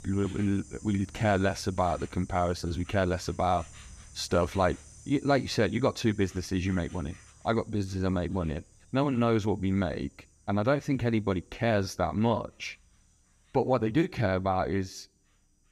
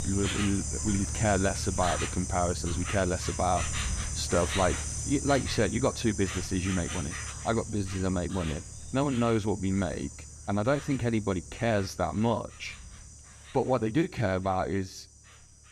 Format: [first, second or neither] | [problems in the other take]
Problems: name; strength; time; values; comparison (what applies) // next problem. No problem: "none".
first | animal sounds; loud; throughout; 5 dB below the speech; faint in the first